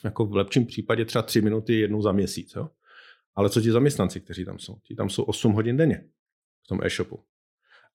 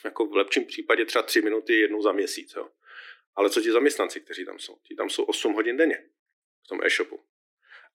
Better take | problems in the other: first | thin; very; fading below 300 Hz

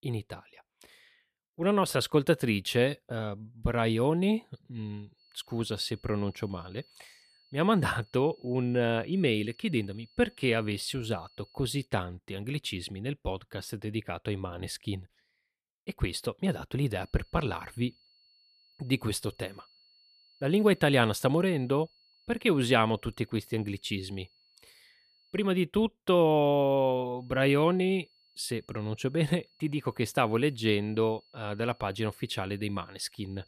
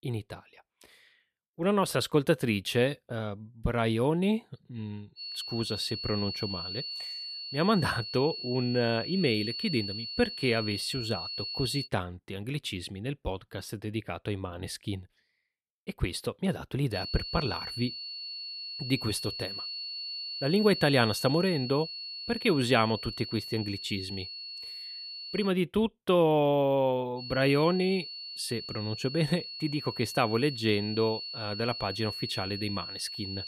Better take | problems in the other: first | high-pitched whine; loud; from 5 to 12 s, from 17 to 25 s and from 27 s on; 4.5 kHz, 6 dB below the speech; faint in the first

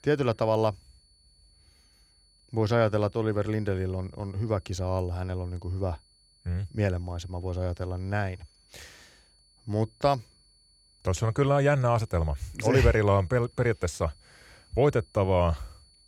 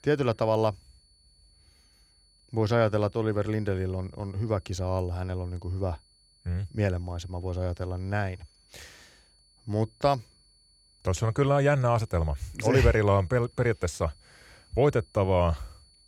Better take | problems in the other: neither | high-pitched whine; faint; throughout; 4.5 kHz, 30 dB below the speech; the same in both

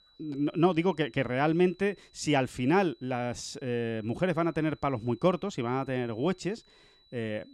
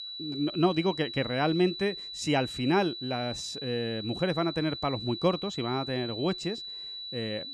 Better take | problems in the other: first | high-pitched whine; loud; throughout; 4 kHz, 7 dB below the speech; faint in the first

